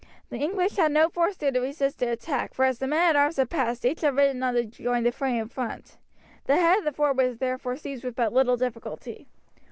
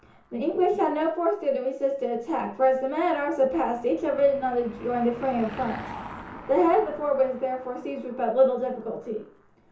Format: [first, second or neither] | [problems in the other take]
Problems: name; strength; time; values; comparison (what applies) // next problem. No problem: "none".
first | background sound (Car passing by / Engine); 19 dB below the speech // room echo; dies away in 0.6 s